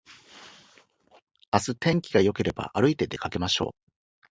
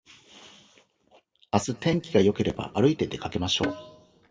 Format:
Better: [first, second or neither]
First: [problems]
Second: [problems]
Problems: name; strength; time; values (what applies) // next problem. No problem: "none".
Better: first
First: none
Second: background sound (Percussion); 7 dB below the speech // room echo; dies away in 1 s